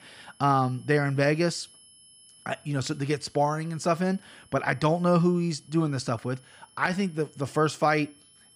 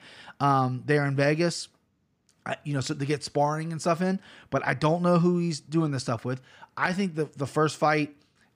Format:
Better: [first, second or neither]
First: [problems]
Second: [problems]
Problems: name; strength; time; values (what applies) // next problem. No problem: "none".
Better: second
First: high-pitched whine; faint; throughout; 10.5 kHz, 30 dB below the speech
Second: none